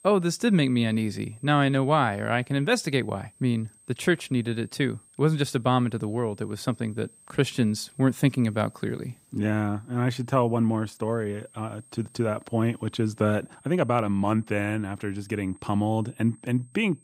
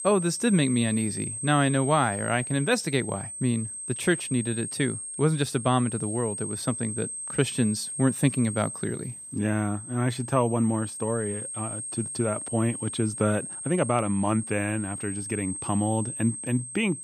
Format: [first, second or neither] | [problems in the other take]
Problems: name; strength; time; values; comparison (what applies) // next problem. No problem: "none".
first | high-pitched whine; loud; throughout; 8.5 kHz, 6 dB below the speech; faint in the first